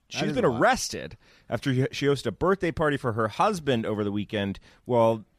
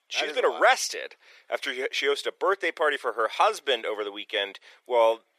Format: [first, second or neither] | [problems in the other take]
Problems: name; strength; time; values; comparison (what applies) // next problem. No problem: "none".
first | thin; very; fading below 400 Hz